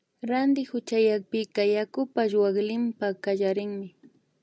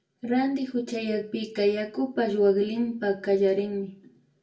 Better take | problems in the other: first | room echo; dies away in 0.3 s

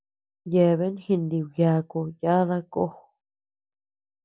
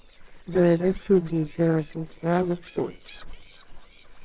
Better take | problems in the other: first | noise reduction (neural separator model SepFormer WHAMR!)

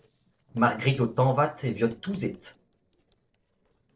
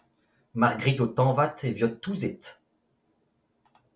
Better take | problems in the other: second | noise reduction (neural separator model SepFormer DNS4)

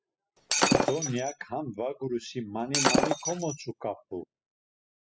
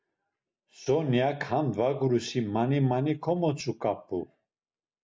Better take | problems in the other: second | noise reduction (classical method spectral subtraction)

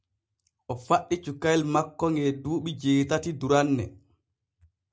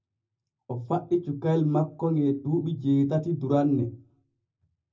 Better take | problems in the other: first | room echo; dies away in 0.4 s

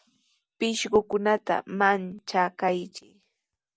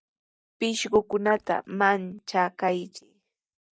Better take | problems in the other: first | noise reduction (neural mask model DeepFilterNet 3)

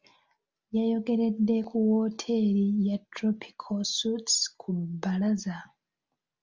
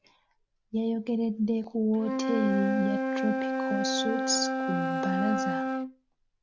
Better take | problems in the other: first | background sound (Wind instrument, woodwind instrument); 1 dB below the speech

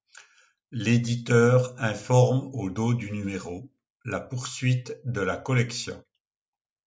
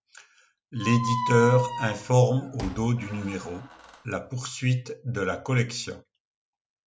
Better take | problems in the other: first | background sound (Squeak); 8 dB below the speech

